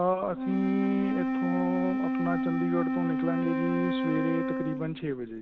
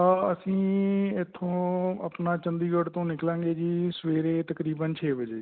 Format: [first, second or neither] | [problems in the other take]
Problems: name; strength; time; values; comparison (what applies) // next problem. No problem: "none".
second | background sound (Wind instrument, woodwind instrument); 2 dB above the speech